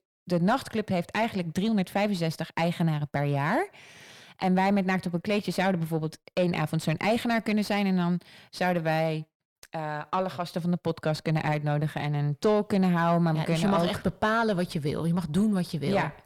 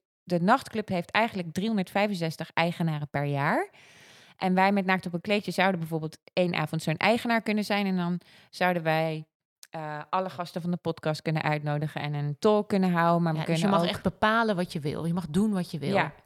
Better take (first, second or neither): second